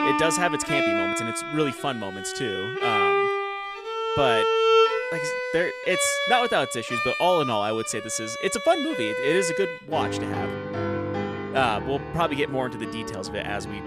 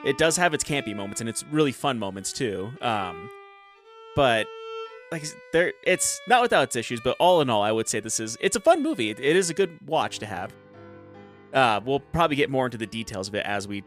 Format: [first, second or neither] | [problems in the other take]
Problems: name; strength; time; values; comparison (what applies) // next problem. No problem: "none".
second | background music; loud; throughout; as loud as the speech; faint in the second